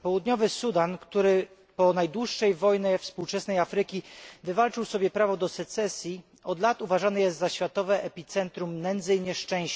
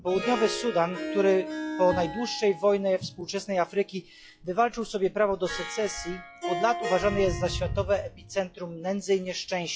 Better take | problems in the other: first | noise reduction (classical method log-MMSE)

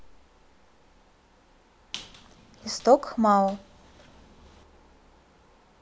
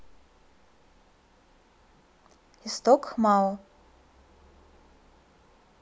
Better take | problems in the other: second | background sound (Squeak); 19 dB below the speech

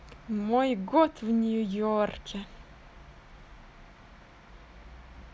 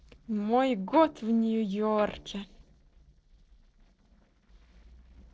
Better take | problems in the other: first | noise reduction (neural separator model SepFormer DNS4)

